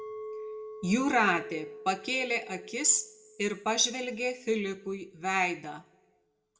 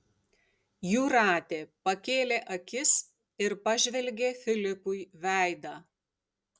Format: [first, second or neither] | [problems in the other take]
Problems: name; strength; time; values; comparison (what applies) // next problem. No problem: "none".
second | background sound (Chink, clink); 15 dB below the speech // room echo; dies away in 0.4 s